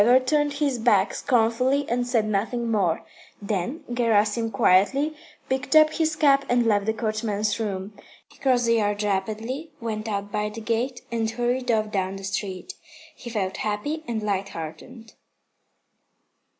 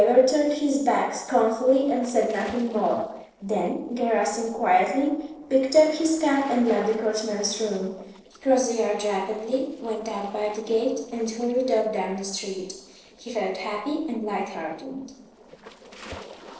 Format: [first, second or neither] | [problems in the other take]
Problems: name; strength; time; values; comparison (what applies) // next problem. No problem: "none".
first | noise reduction (neural separator model SepFormer DNS4)